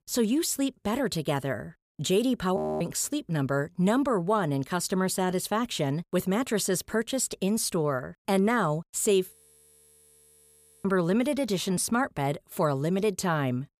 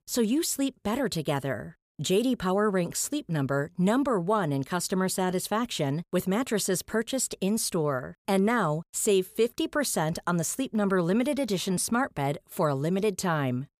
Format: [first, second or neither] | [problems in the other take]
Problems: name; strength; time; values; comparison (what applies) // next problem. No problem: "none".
second | audio freezing; at 2.5 s and at 9.5 s for 1.5 s